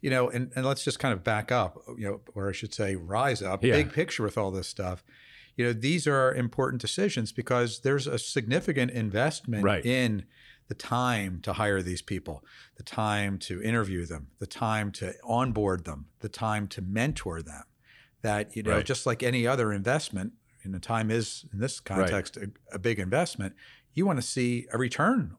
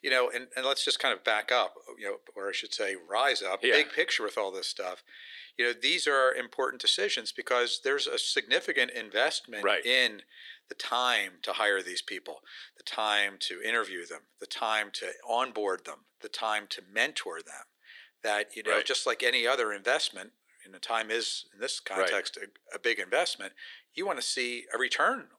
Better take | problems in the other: first | thin; very; fading below 400 Hz

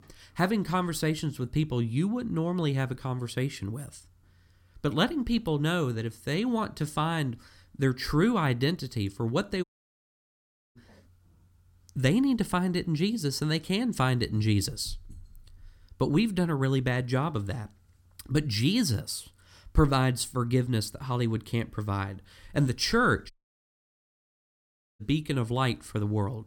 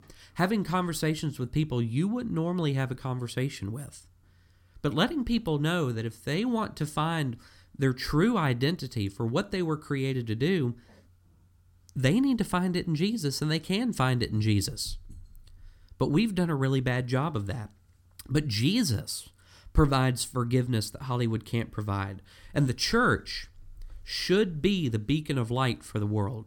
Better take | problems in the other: second | audio cutting out; at 9.5 s for 1 s and at 23 s for 1.5 s

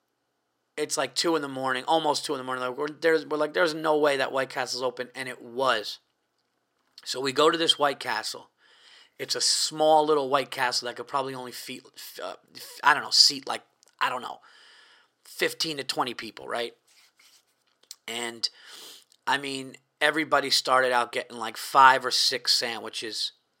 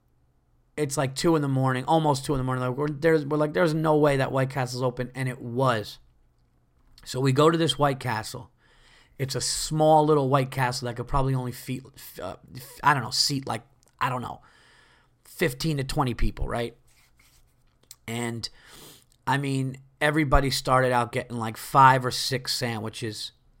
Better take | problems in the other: second | thin; somewhat; fading below 400 Hz

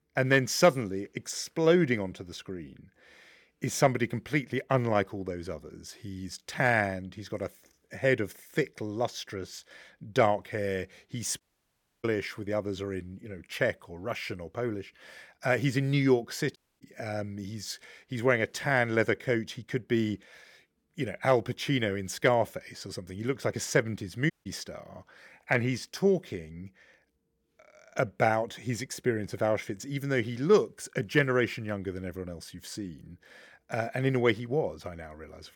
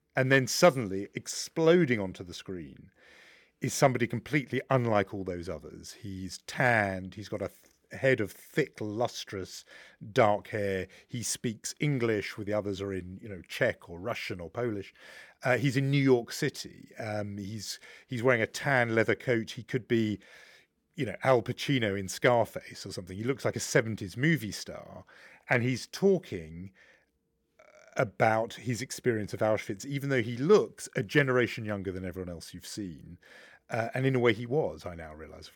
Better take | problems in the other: second | audio cutting out; at 11 s for 0.5 s, at 17 s and at 24 s

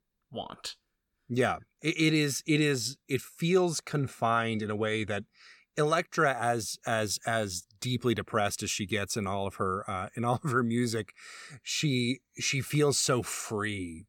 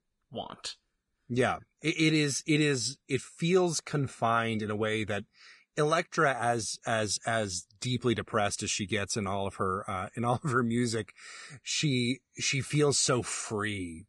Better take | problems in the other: first | garbled, watery; slightly; nothing above 10 kHz

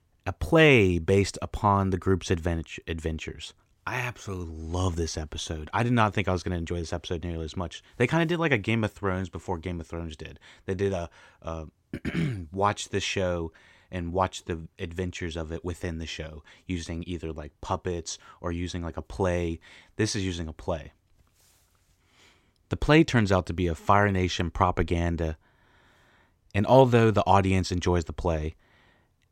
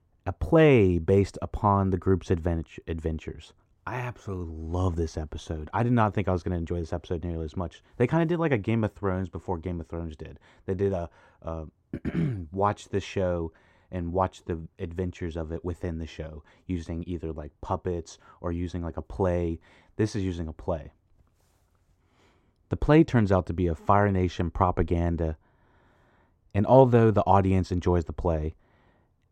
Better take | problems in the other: first | muffled; slightly; fading above 1.5 kHz

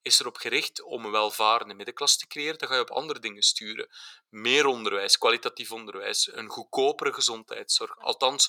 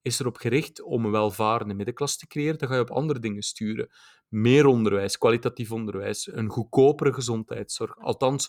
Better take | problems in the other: second | thin; very; fading below 700 Hz

